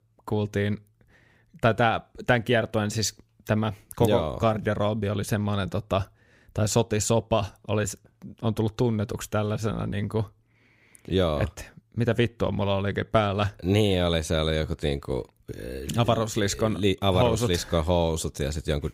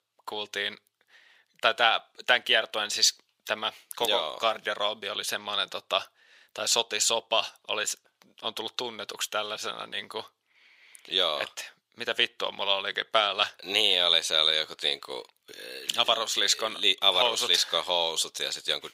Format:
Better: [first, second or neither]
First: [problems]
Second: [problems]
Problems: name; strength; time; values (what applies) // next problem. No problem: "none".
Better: first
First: none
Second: thin; very; fading below 800 Hz